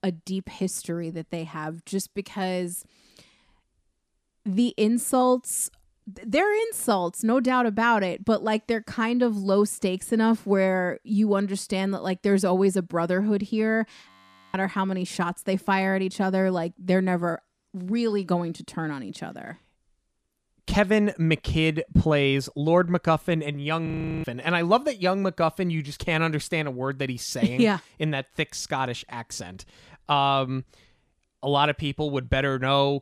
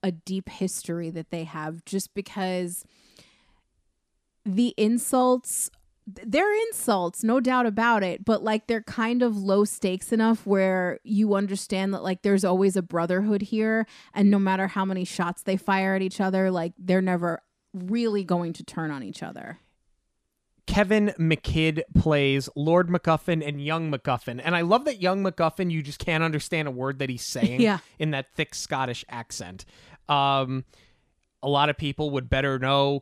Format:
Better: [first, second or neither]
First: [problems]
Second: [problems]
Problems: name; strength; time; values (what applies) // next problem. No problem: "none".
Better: second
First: audio freezing; at 14 s and at 24 s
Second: none